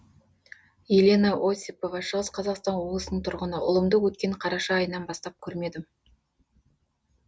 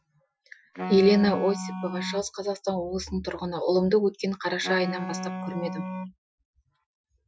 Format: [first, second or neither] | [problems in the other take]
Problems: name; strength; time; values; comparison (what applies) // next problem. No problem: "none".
first | noise reduction (classical method Wiener filter)